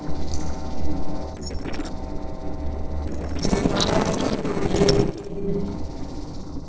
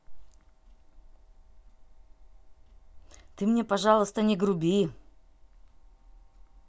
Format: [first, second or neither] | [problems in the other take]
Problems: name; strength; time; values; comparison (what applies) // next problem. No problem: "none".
second | noise reduction (neural separator model SepFormer DNS4)